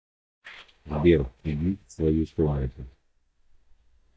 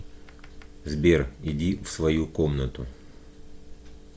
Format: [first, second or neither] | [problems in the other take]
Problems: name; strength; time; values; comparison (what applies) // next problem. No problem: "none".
second | noise reduction (neural mask model DeepFilterNet 3)